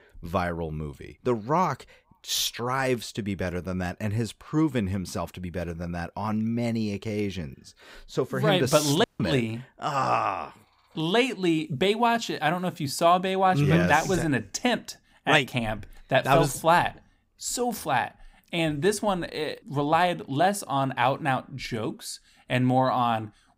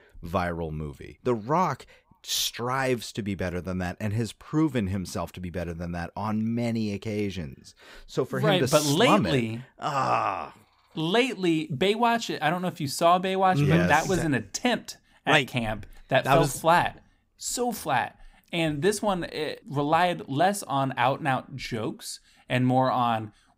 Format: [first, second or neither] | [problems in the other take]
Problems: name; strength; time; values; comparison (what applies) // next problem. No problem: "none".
second | audio cutting out; at 9 s